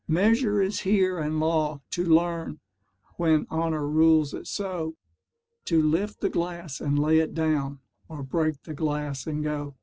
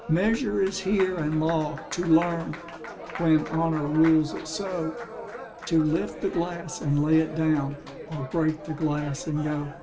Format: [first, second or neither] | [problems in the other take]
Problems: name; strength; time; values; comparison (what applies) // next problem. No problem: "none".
first | background sound (Applause); 13 dB below the speech // room echo; dies away in 1.6 s